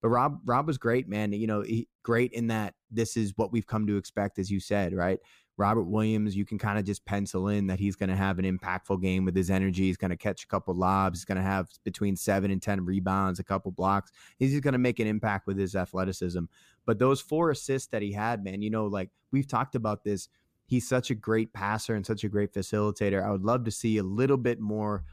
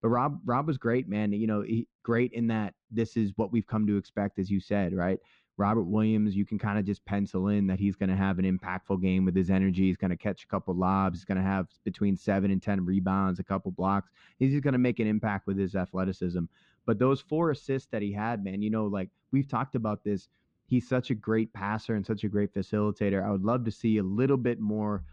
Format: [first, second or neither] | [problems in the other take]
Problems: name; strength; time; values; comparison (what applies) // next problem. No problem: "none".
first | muffled; slightly; fading above 4 kHz